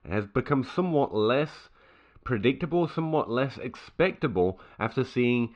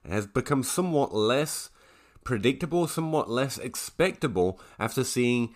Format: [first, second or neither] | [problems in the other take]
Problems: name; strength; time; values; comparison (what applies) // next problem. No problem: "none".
second | muffled; very; fading above 3.5 kHz